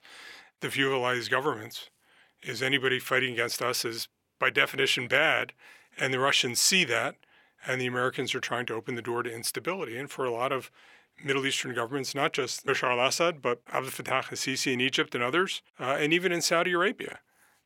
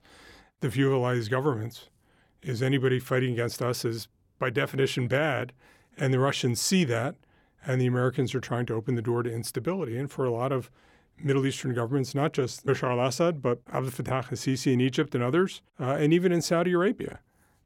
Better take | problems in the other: second | thin; somewhat; fading below 900 Hz

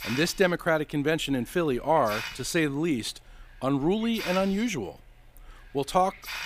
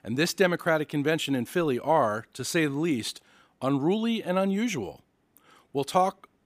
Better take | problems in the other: second | hiss; noticeable; throughout; 10 dB below the speech

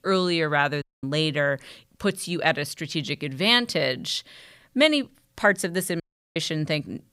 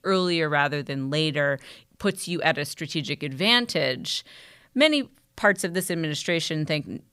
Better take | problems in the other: second | audio cutting out; at 1 s and at 6 s

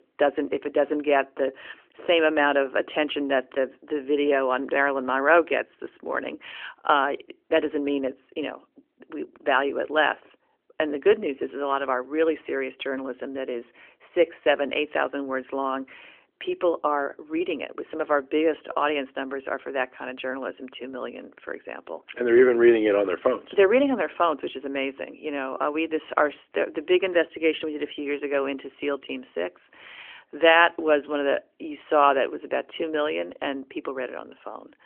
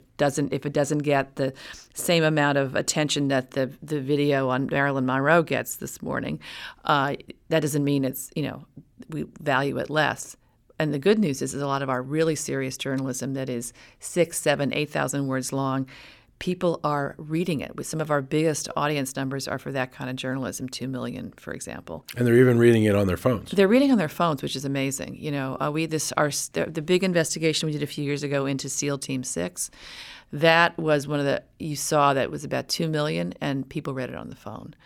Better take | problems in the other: second | phone-call audio; nothing above 3 kHz

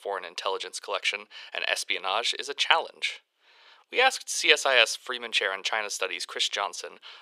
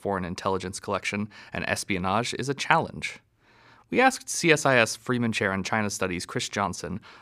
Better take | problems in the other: second | thin; very; fading below 450 Hz

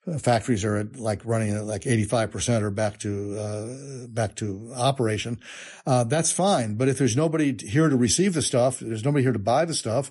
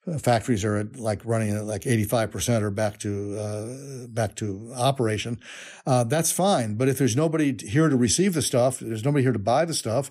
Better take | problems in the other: second | garbled, watery; slightly; nothing above 11 kHz

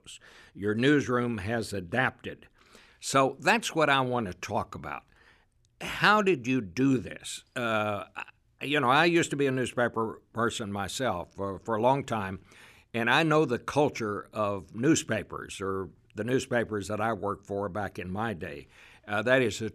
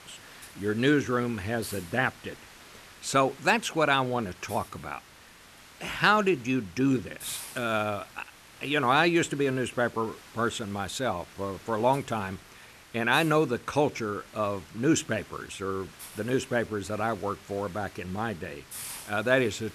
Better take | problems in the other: first | hiss; noticeable; throughout; 20 dB below the speech

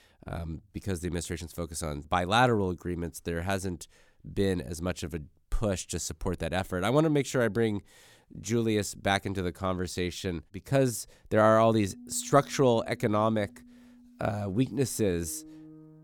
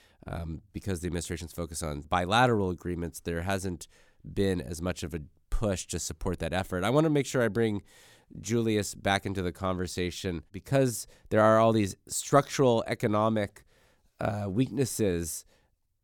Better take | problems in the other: second | background music; faint; from 12 s on; 25 dB below the speech

